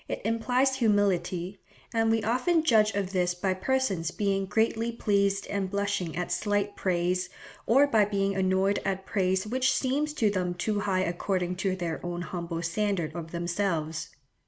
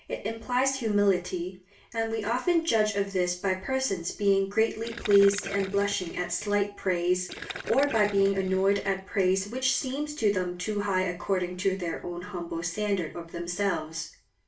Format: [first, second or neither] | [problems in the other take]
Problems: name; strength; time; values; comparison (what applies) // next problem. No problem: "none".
first | background sound (Gurgling); 14 dB below the speech // room echo; dies away in 0.3 s